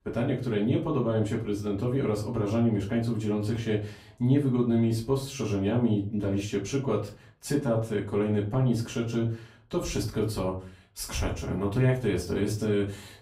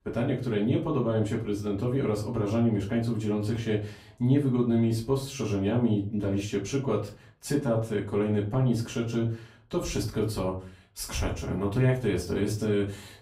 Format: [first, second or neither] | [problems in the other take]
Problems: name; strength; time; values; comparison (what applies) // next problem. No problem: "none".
neither | room echo; slight; dies away in 0.3 s; the same in both // off-mic speech; far; the same in both